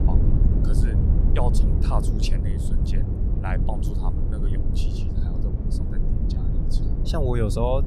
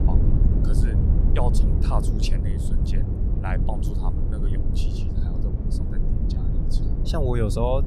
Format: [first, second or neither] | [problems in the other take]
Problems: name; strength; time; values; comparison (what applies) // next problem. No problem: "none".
neither | low rumble; loud; throughout; 4 dB below the speech; the same in both